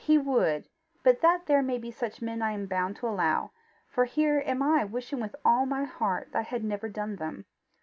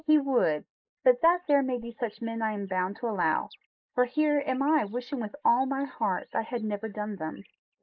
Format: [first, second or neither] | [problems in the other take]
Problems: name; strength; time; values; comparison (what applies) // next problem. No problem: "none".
first | noise reduction (neural mask model Resemble Enhance denoiser)